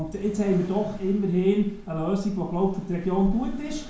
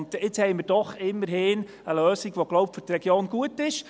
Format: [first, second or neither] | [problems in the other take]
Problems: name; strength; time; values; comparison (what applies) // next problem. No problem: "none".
second | background sound (Accelerating, revving, vroom); 12 dB below the speech // room echo; dies away in 0.6 s